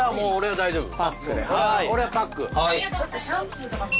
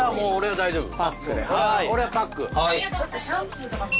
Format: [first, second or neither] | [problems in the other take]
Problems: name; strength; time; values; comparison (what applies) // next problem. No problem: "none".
first | background sound (Drum); 20 dB below the speech